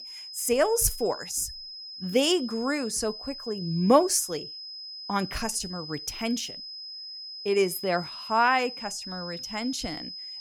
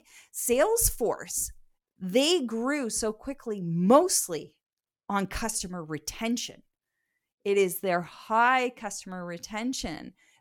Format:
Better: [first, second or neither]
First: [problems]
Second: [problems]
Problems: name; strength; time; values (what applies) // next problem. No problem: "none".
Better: second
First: high-pitched whine; noticeable; throughout; 5 kHz, 10 dB below the speech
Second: none